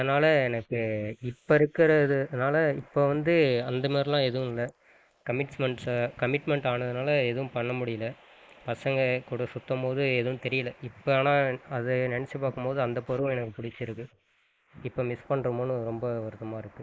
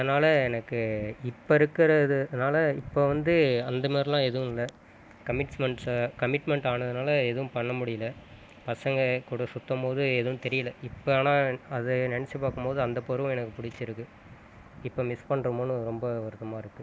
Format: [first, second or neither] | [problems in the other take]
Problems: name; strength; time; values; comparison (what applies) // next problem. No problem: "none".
second | noise reduction (neural mask model Resemble Enhance denoiser)